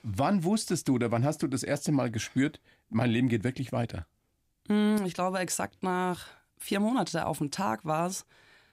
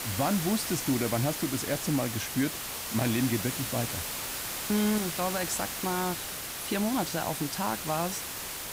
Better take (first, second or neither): first